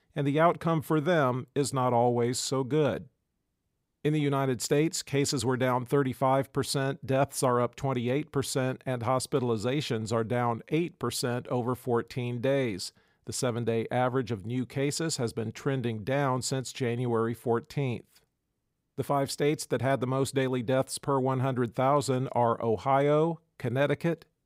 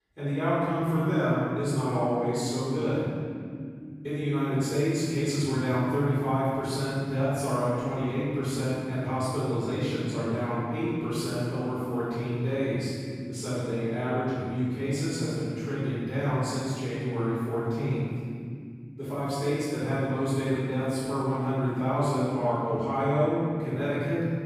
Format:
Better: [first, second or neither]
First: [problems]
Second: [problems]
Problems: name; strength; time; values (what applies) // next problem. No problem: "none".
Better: first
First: none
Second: off-mic speech; far // room echo; strong; dies away in 2.8 s